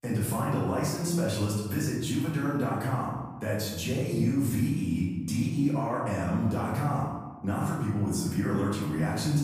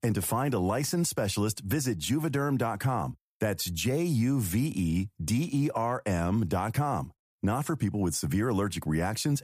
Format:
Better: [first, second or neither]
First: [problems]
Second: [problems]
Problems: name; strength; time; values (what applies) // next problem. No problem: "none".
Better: second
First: room echo; noticeable; dies away in 1 s // off-mic speech; far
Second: none